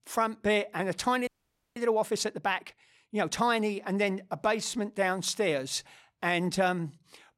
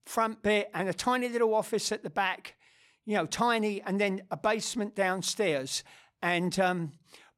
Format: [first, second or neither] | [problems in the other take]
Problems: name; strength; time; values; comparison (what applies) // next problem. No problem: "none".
second | audio freezing; at 1.5 s